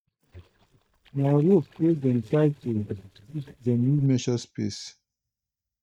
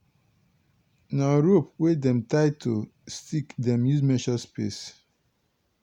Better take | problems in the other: second | noise reduction (neural mask model DeepFilterNet 3)

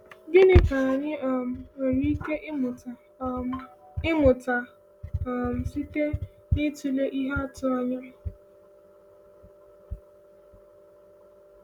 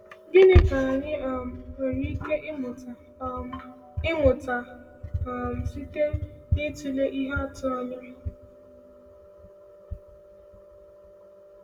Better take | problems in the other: first | room echo; dies away in 0.8 s

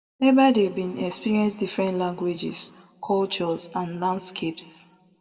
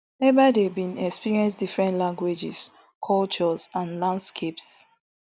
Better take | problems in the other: second | room echo; dies away in 1.1 s

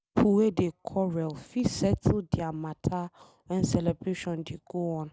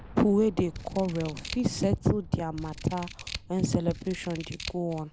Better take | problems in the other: first | background sound (Boom + Scissors); 14 dB below the speech

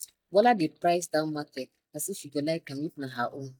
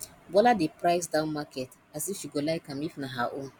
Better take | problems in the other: second | noise reduction (neural mask model DeepFilterNet 3)

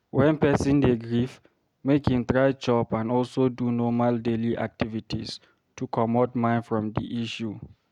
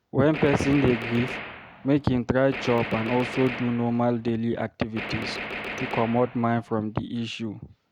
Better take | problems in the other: first | background sound (Gunshot, gunfire); 10 dB below the speech

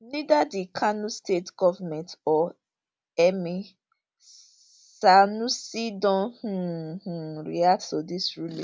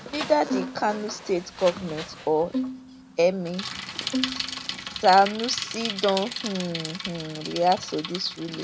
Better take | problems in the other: first | background sound (Bicycle + Bowed string instrument); 7 dB below the speech

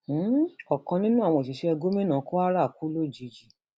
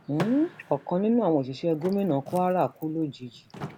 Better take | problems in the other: first | background sound (Door / Car); 16 dB below the speech

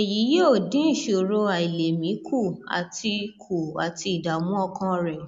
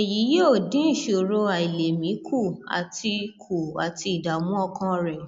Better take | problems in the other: second | noise reduction (neural mask model Resemble Enhance denoiser)

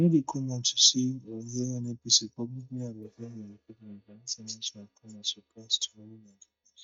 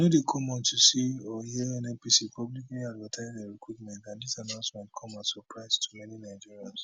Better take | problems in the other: second | noise reduction (neural mask model DeepFilterNet 3)

